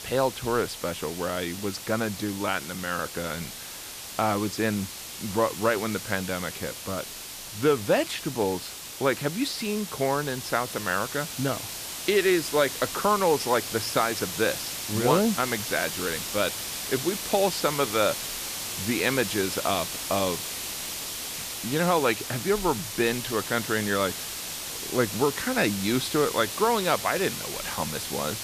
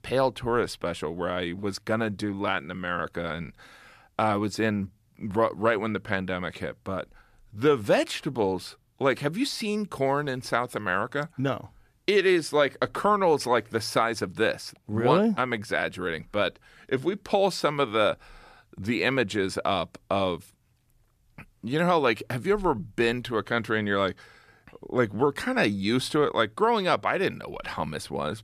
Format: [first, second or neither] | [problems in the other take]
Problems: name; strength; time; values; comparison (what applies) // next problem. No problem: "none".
second | hiss; loud; throughout; 6 dB below the speech